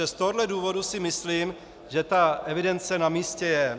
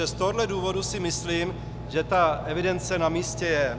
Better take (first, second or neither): first